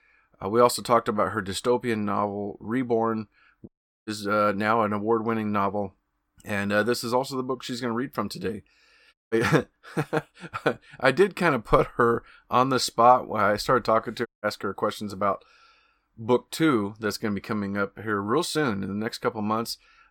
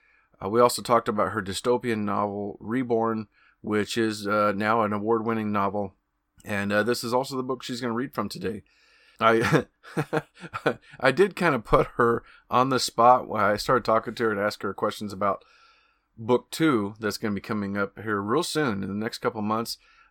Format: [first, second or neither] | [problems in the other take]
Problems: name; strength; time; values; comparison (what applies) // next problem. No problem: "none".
second | audio cutting out; at 3.5 s, at 9 s and at 14 s